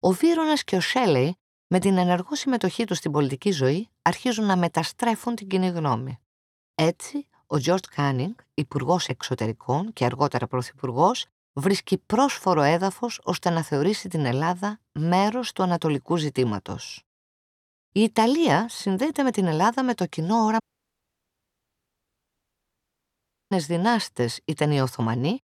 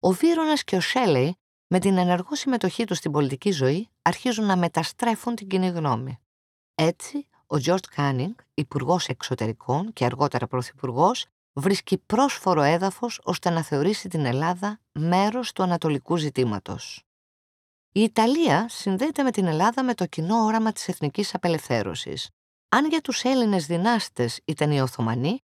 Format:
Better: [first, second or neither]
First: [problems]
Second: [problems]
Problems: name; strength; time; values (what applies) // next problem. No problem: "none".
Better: second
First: audio cutting out; at 21 s for 3 s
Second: none